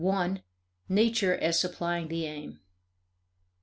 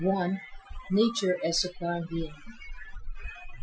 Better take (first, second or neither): first